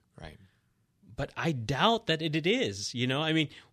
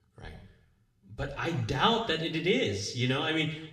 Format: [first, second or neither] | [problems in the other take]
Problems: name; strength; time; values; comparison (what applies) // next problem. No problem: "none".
first | room echo; slight; dies away in 0.8 s // off-mic speech; somewhat distant